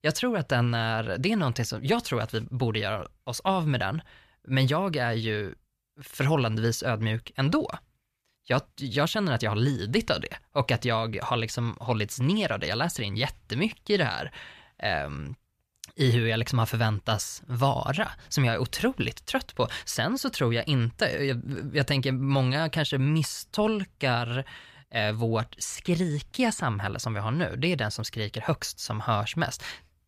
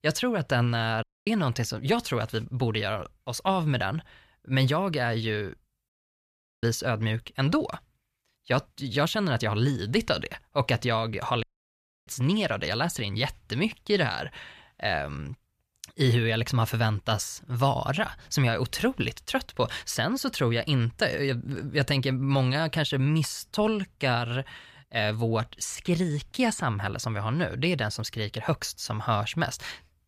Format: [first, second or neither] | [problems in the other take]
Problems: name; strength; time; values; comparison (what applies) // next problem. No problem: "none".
first | audio cutting out; at 1 s, at 6 s for 0.5 s and at 11 s for 0.5 s